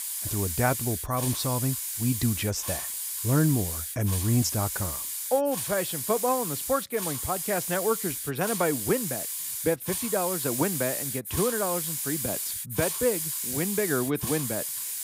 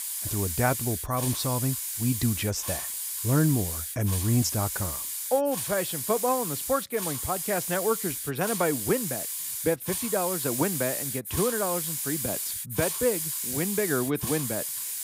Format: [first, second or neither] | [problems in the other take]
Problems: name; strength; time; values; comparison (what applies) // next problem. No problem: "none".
neither | hiss; loud; throughout; 1 dB below the speech; the same in both